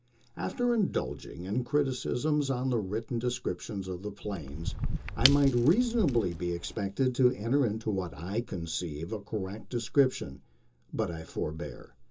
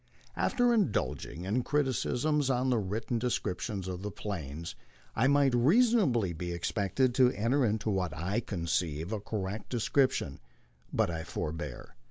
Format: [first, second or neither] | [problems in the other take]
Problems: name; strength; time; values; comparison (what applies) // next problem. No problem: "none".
second | background sound (Shatter / Crushing); 3 dB below the speech // room echo; dies away in 0.2 s